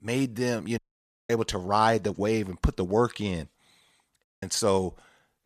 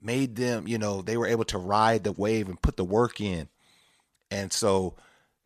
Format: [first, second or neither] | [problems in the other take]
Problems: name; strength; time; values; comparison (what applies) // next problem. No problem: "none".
second | audio cutting out; at 1 s for 0.5 s and at 4 s